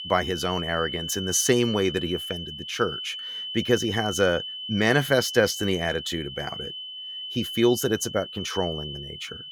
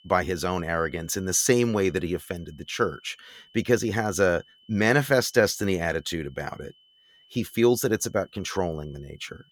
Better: second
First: high-pitched whine; loud; throughout; 3 kHz, 7 dB below the speech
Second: high-pitched whine; faint; throughout; 3 kHz, 30 dB below the speech

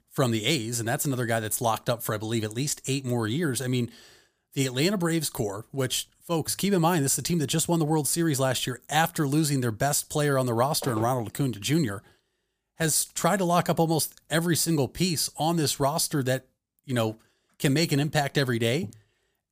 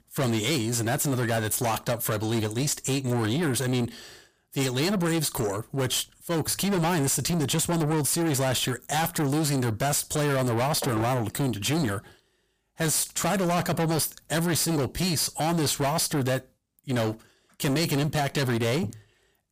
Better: first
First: none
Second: distortion; heavy; 7 dB below the speech

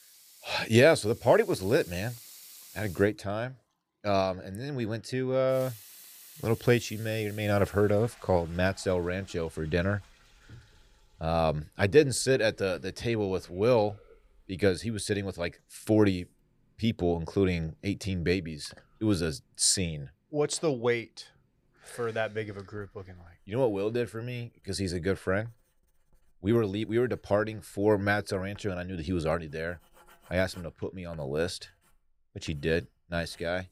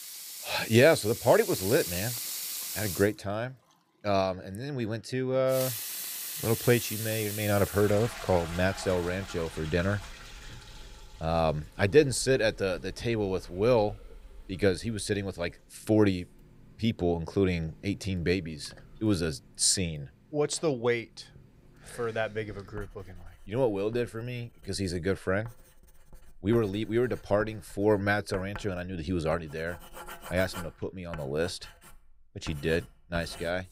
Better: first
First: household noises; faint; throughout; 20 dB below the speech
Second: household noises; loud; throughout; 9 dB below the speech

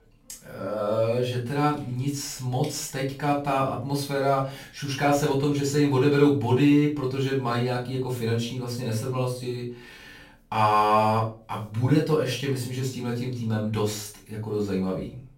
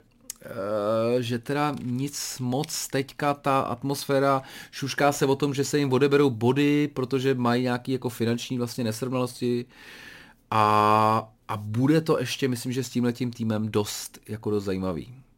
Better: second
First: off-mic speech; far // room echo; slight; dies away in 0.3 s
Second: none

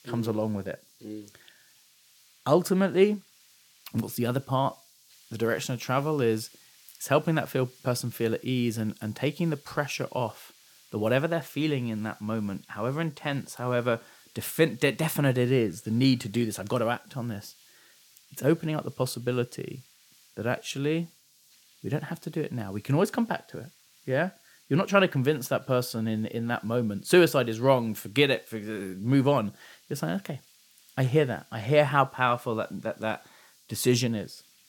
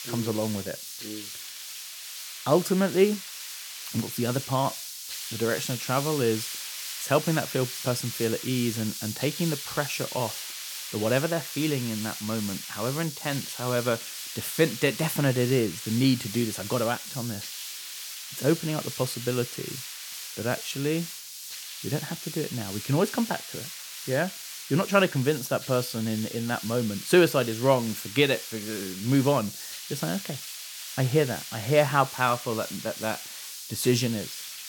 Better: first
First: hiss; faint; throughout; 30 dB below the speech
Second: hiss; loud; throughout; 8 dB below the speech

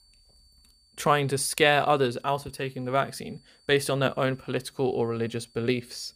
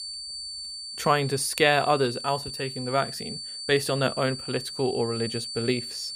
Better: first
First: high-pitched whine; faint; throughout; 4.5 kHz, 35 dB below the speech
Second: high-pitched whine; loud; throughout; 4.5 kHz, 8 dB below the speech

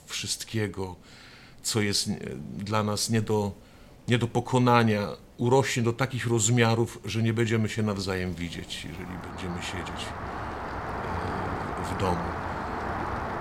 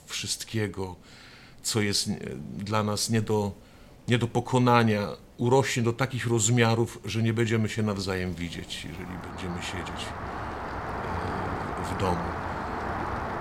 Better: neither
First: rain or running water; loud; throughout; 7 dB below the speech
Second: rain or running water; loud; throughout; 7 dB below the speech

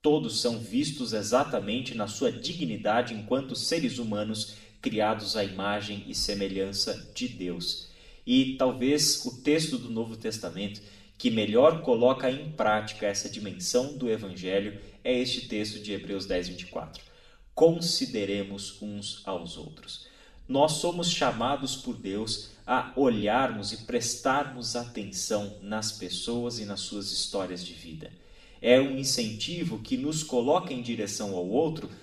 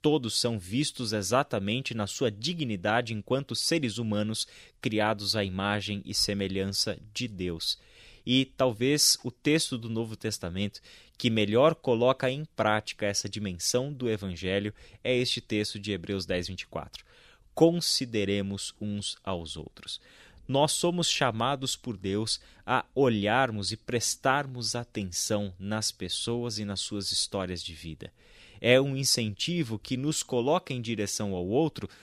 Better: second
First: room echo; slight; dies away in 0.5 s // off-mic speech; far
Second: none

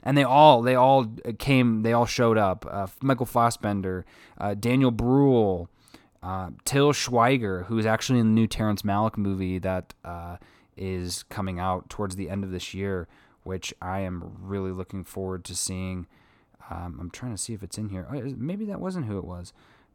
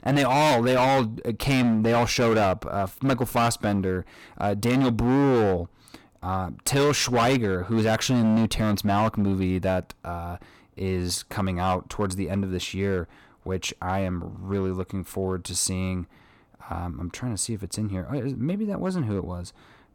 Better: first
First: none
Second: distortion; heavy; 10% of the sound clipped

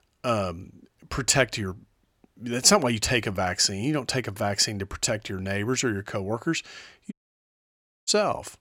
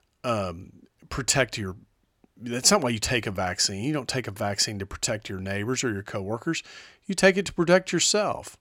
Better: second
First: audio cutting out; at 7 s for 1 s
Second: none

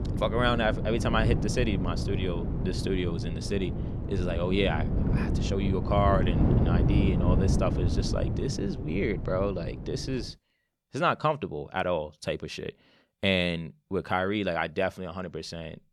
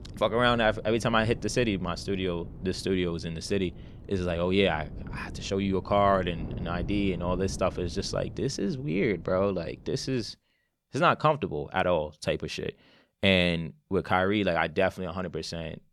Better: second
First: wind noise on the microphone; heavy; until 10 s; 7 dB below the speech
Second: wind noise on the microphone; occasional gusts; until 10 s; 25 dB below the speech

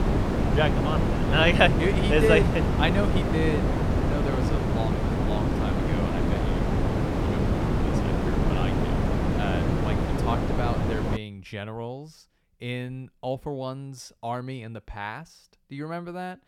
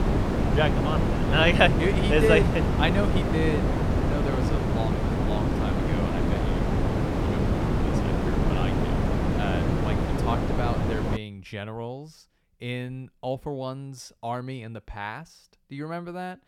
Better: neither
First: wind noise on the microphone; heavy; until 11 s; 2 dB below the speech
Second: wind noise on the microphone; heavy; until 11 s; 2 dB below the speech

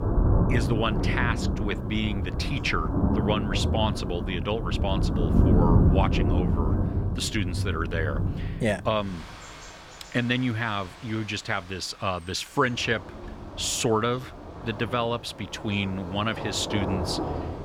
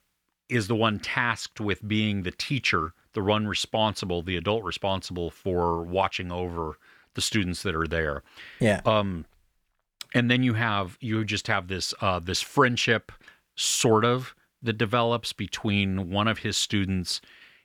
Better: second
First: rain or running water; very loud; throughout; 2 dB above the speech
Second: none

